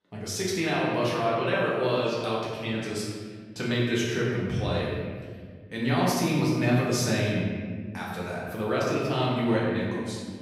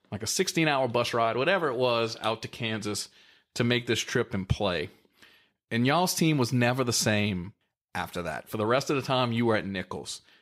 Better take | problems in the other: second | room echo; strong; dies away in 1.8 s // off-mic speech; far

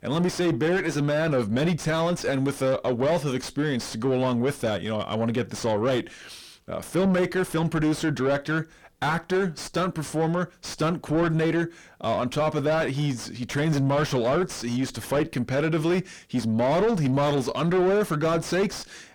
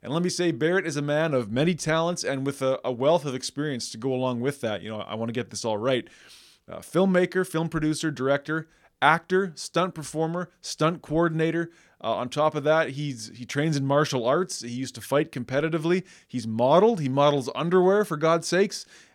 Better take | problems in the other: second | distortion; heavy; 5 dB below the speech

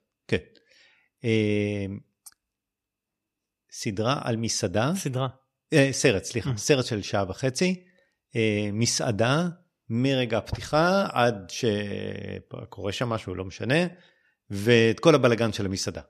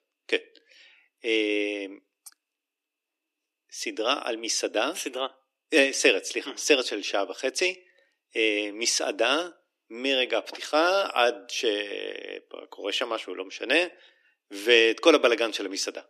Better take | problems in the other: first | thin; somewhat; fading below 300 Hz

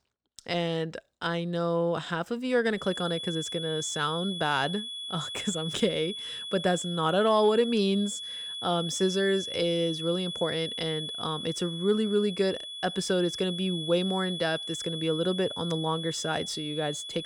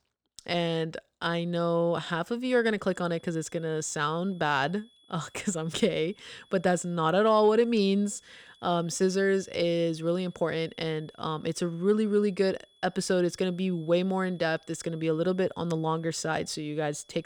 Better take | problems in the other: second | high-pitched whine; loud; from 3 s on; 3.5 kHz, 6 dB below the speech; faint in the second

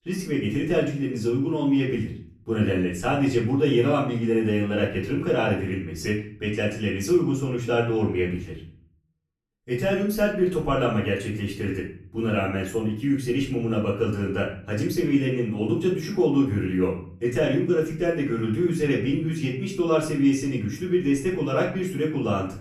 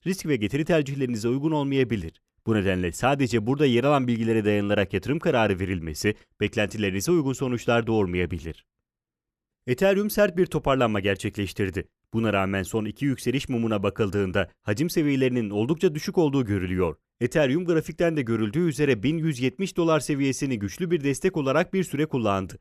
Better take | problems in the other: second | off-mic speech; far // room echo; slight; dies away in 0.4 s

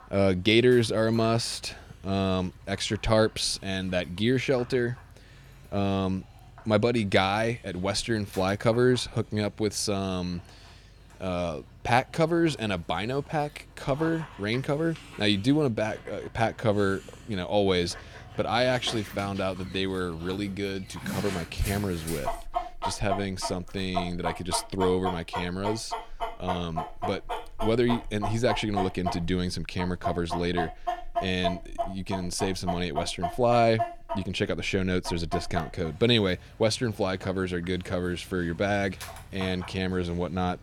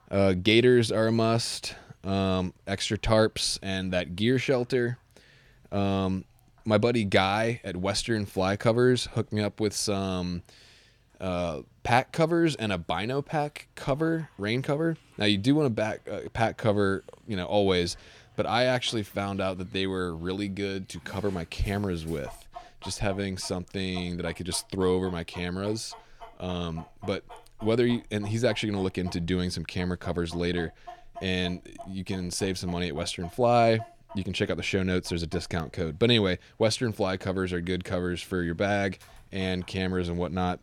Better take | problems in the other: second | animal sounds; loud; throughout; 10 dB below the speech; faint in the second

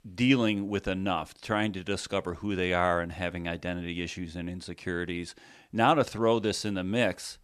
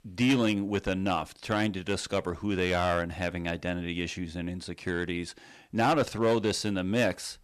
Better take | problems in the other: first | distortion; slight; 4% of the sound clipped

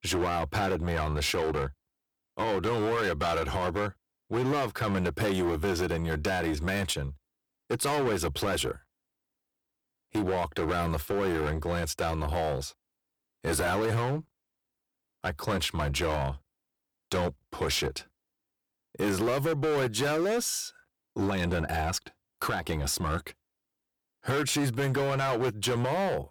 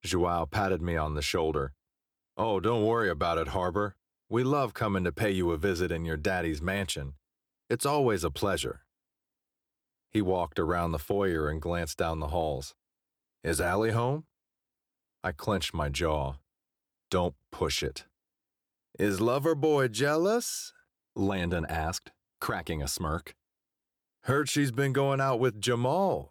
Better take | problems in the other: second | distortion; heavy; 15% of the sound clipped

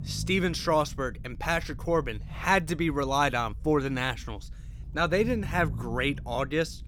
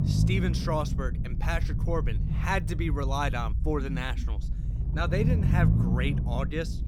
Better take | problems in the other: first | low rumble; loud; throughout; 8 dB below the speech; faint in the first

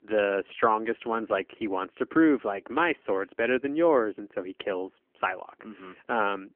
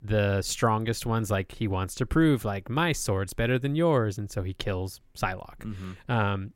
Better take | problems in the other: second | phone-call audio; nothing above 3 kHz

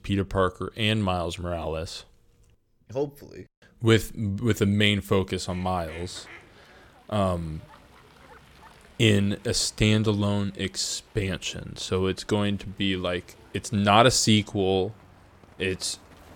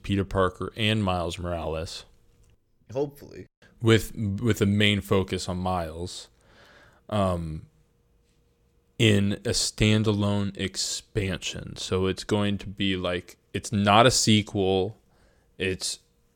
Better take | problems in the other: second | animal sounds; faint; from 5.5 s on; 25 dB below the speech

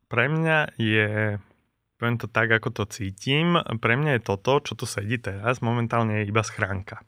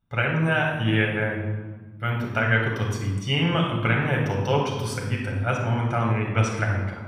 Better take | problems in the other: first | room echo; noticeable; dies away in 1.2 s // off-mic speech; somewhat distant

